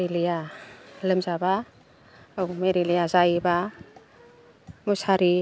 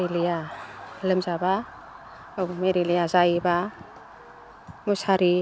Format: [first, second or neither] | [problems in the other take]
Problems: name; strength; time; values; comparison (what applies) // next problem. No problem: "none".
first | background sound (Motor vehicle (road) / Siren); 18 dB below the speech